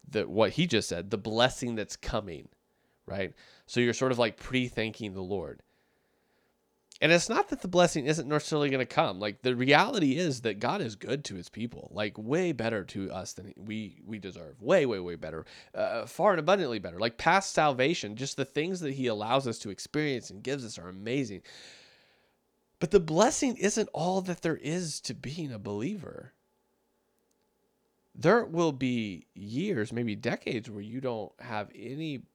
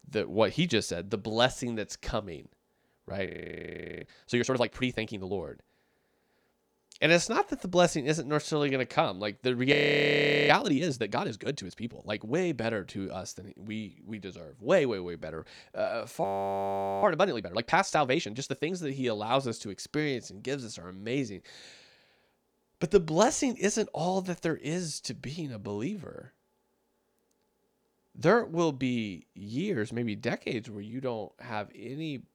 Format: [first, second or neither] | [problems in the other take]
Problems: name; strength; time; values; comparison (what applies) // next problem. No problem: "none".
first | audio freezing; at 3.5 s for 0.5 s, at 9.5 s for 1 s and at 16 s for 1 s